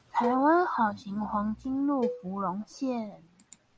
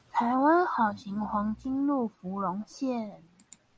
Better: second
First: background sound (Cowbell); 11 dB below the speech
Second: none

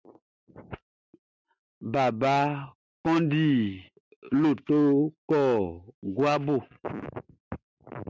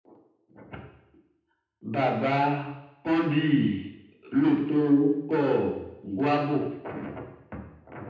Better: first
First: none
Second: room echo; dies away in 0.8 s

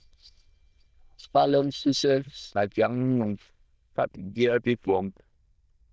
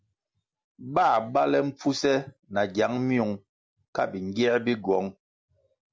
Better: second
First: noise reduction (neural diffusion model UNIVERSE++)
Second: none

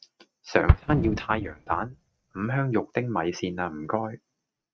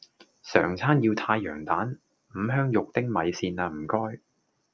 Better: second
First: noise reduction (neural mask model RNNoise)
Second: none

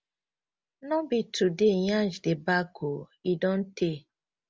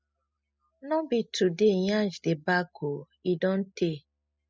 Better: first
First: none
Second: noise reduction (classical method spectral subtraction)

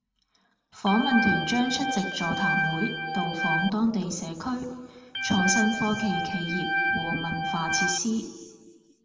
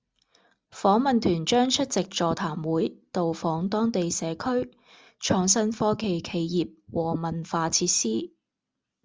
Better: second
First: background sound (Organ); as loud as the speech // room echo; dies away in 1.8 s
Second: none

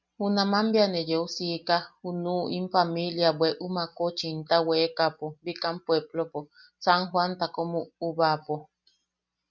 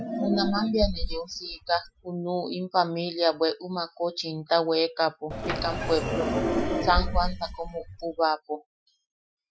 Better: first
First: none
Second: noise reduction (classical method Wiener filter)

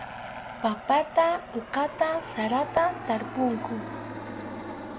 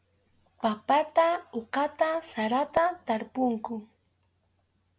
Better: second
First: background sound (Aircraft); 10 dB below the speech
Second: none

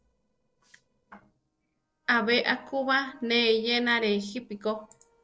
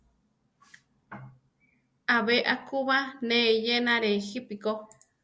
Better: second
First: noise reduction (neural separator model SepFormer DNS4)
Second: none

